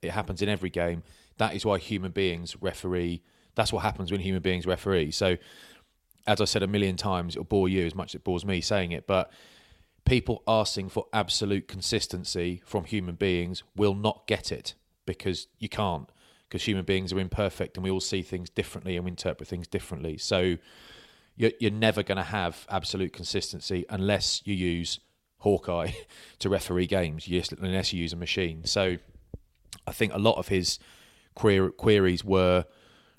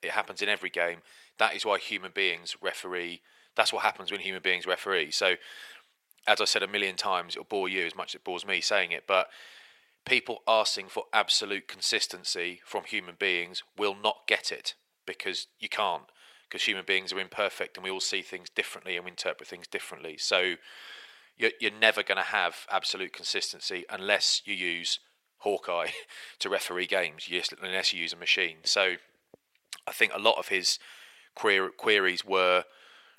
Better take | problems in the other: first | thin; very; fading below 550 Hz

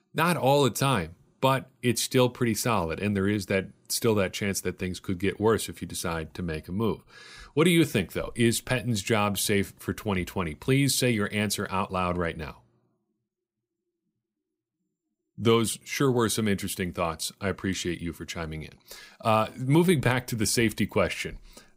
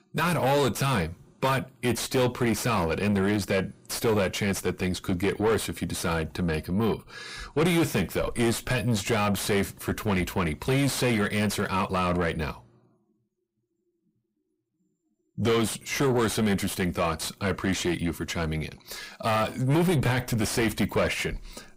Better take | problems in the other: first | distortion; heavy; 6 dB below the speech

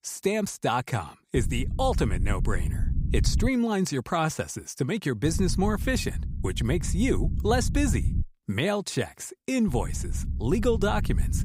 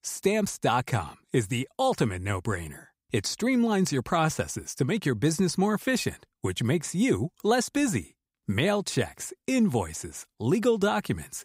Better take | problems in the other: second | low rumble; noticeable; from 1.5 to 3.5 s, from 5 to 8 s and from 9.5 s on; 15 dB below the speech

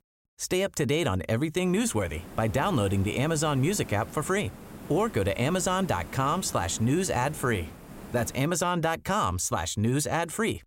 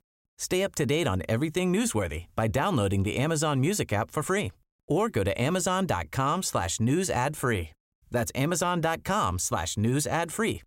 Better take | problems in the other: second | hiss; noticeable; from 1.5 to 8.5 s; 15 dB below the speech

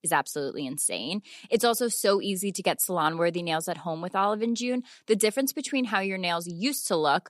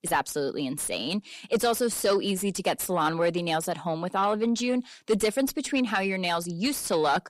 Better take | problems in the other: first | distortion; slight; 10 dB below the speech

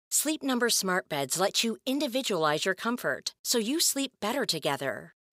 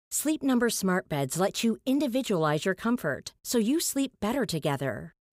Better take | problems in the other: second | thin; very slightly; fading below 1 kHz

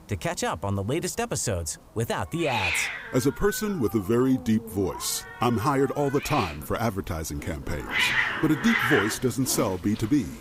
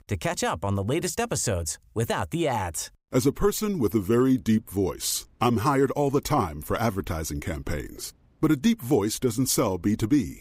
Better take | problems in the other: second | hiss; loud; throughout; 2 dB below the speech

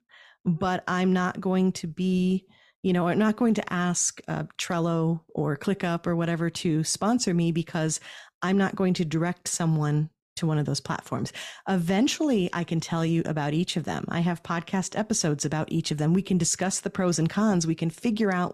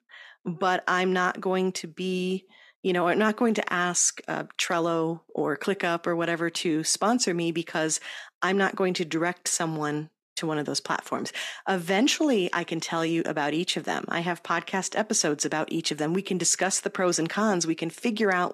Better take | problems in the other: first | thin; somewhat; fading below 250 Hz

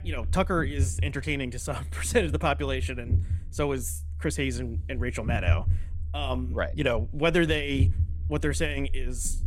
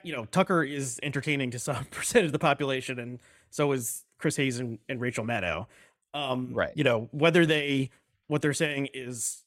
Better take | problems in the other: second | low rumble; noticeable; throughout; 20 dB below the speech

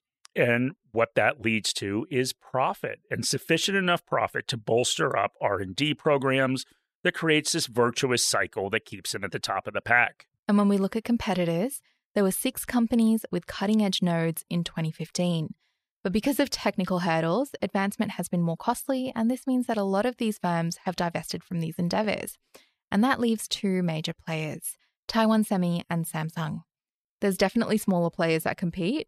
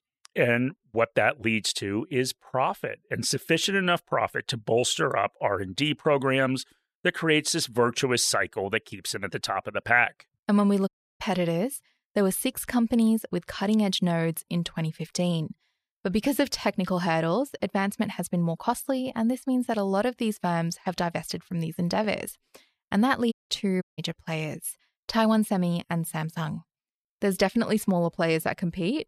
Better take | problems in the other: first | audio cutting out; at 11 s, at 23 s and at 24 s

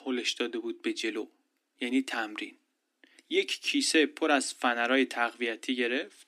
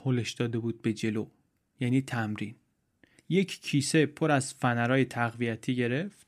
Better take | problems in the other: second | thin; very slightly; fading below 250 Hz

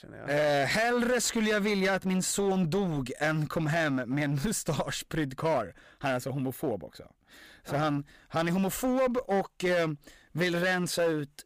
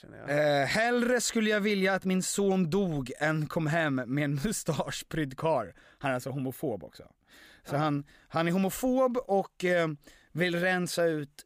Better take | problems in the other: second | distortion; slight; 11% of the sound clipped

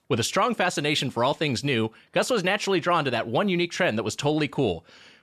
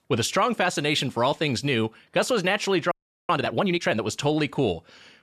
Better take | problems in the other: first | audio freezing; at 3 s

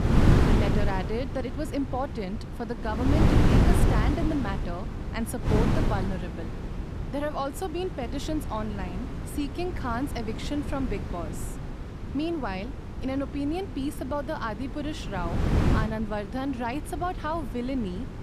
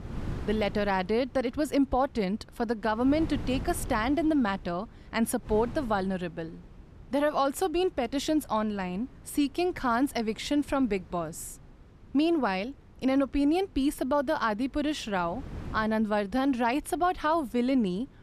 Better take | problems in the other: second | wind noise on the microphone; heavy; 3 dB below the speech; occasional gusts in the second

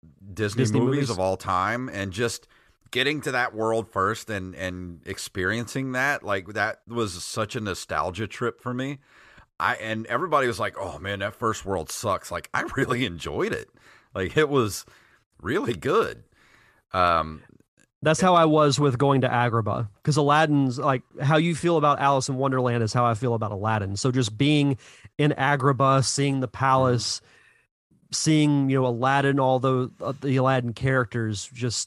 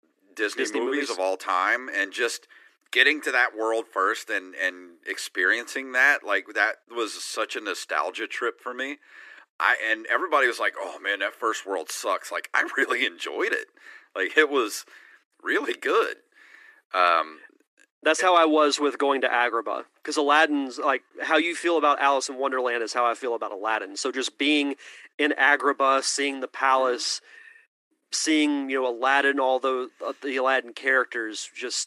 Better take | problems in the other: first | thin; somewhat; fading below 300 Hz

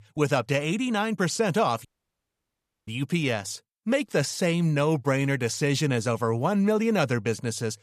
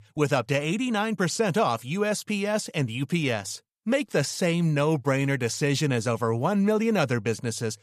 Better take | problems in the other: second | audio cutting out; at 2 s for 1 s

